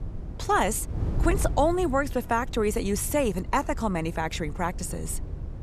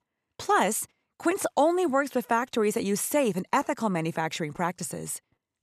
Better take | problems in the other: second | wind noise on the microphone; occasional gusts; 20 dB below the speech

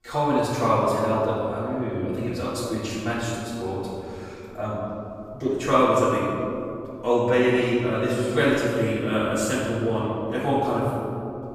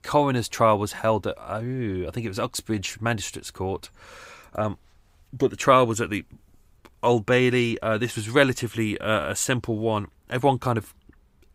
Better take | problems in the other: second | off-mic speech; far // room echo; strong; dies away in 2.7 s

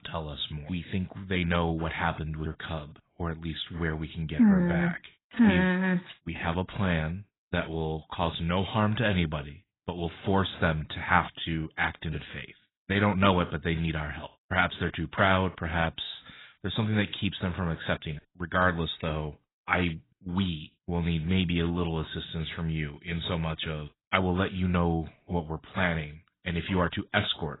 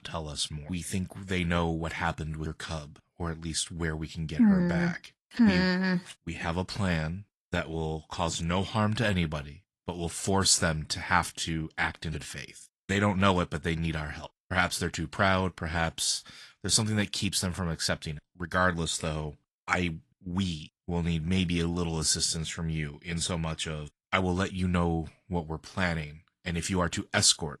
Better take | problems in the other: second | garbled, watery; badly; nothing above 4 kHz; slightly in the second

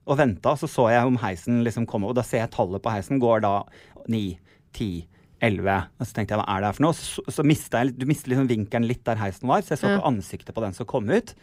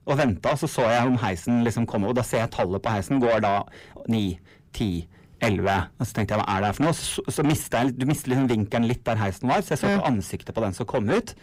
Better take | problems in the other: first | distortion; heavy; 8 dB below the speech

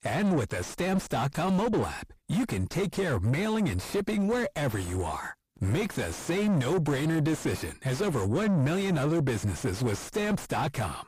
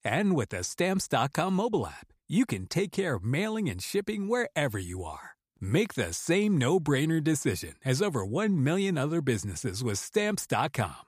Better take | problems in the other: second | distortion; heavy; 4 dB below the speech

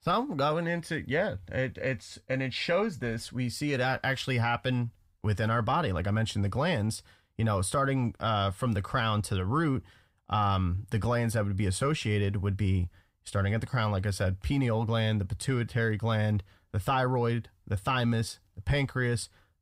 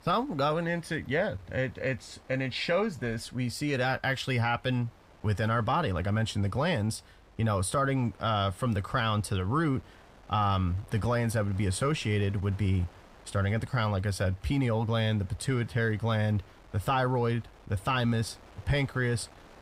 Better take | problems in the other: first | wind noise on the microphone; occasional gusts; 25 dB below the speech

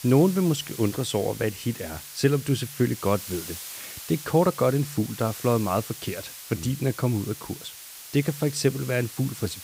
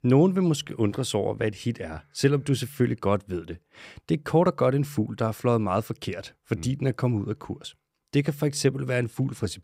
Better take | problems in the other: second | hiss; noticeable; throughout; 10 dB below the speech

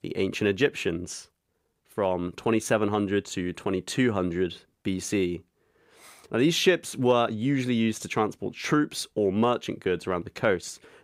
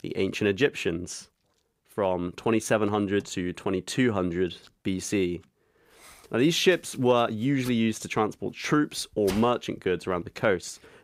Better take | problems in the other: first | household noises; noticeable; throughout; 20 dB below the speech

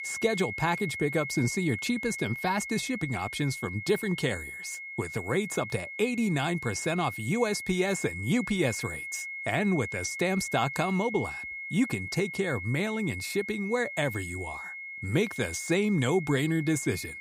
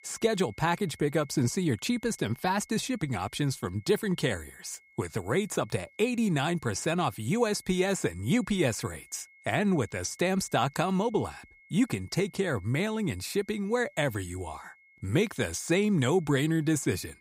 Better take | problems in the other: second | high-pitched whine; loud; throughout; 2 kHz, 7 dB below the speech; faint in the second

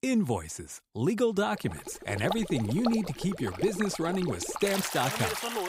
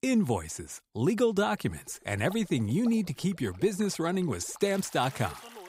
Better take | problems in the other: second | rain or running water; loud; from 2 s on; 5 dB below the speech; faint in the second

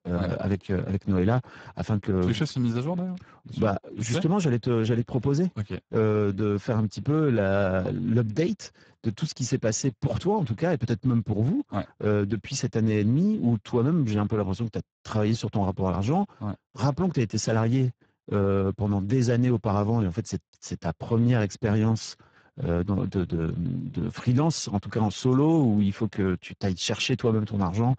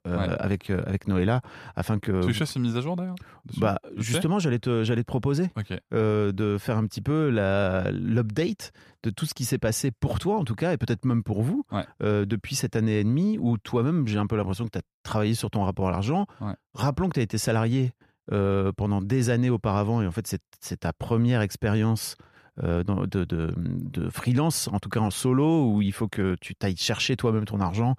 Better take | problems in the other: second | garbled, watery; badly; nothing above 7.5 kHz

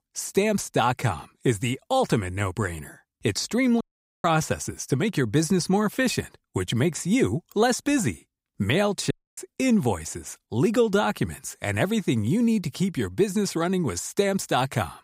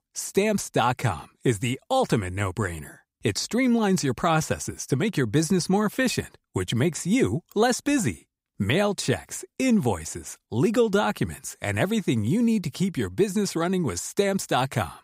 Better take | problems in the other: second | audio cutting out; at 4 s and at 9 s

